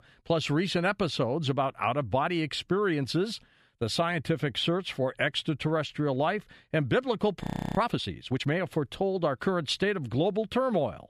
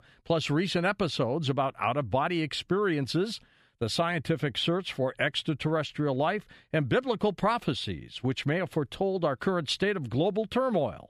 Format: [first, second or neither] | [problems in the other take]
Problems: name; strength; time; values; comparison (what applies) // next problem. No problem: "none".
second | audio freezing; at 7.5 s